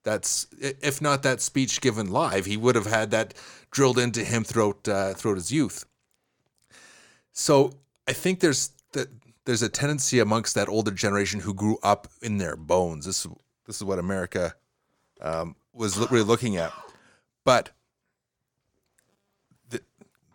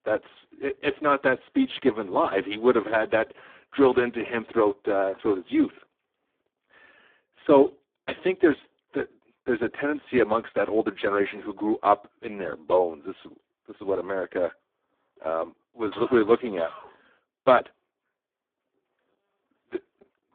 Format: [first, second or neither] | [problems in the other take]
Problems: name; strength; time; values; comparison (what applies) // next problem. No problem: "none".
first | phone-call audio; poor line